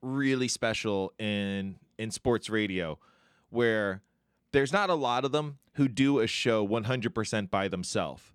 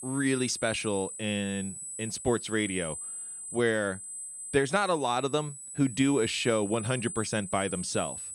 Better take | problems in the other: first | high-pitched whine; loud; throughout; 8 kHz, 8 dB below the speech

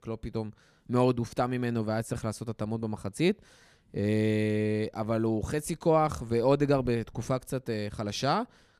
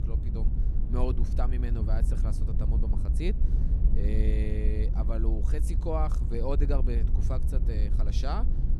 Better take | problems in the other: first | low rumble; loud; throughout; 7 dB below the speech

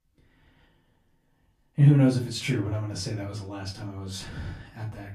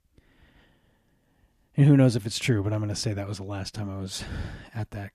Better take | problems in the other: second | off-mic speech; far // room echo; very slight; dies away in 0.3 s

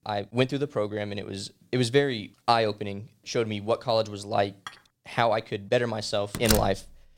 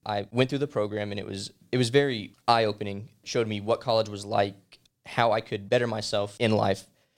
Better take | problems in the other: second | clattering dishes; faint; at 4.5 s; peak 15 dB below the speech // door banging; loud; at 6.5 s; peak 1 dB above the speech

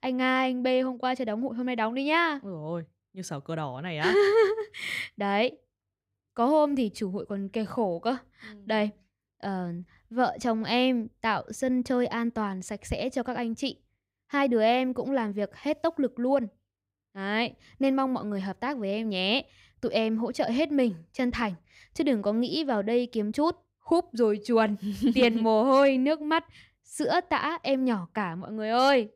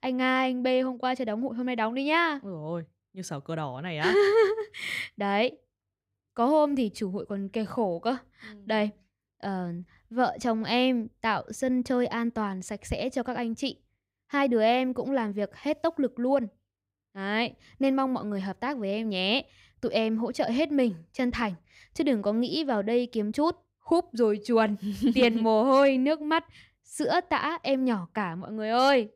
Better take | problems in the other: neither | none

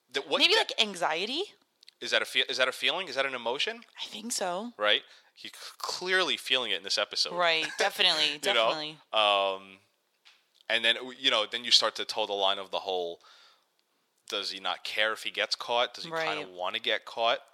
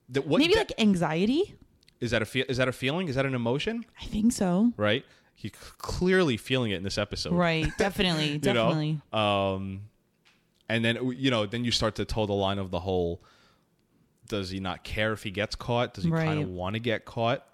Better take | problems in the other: second | thin; very; fading below 700 Hz

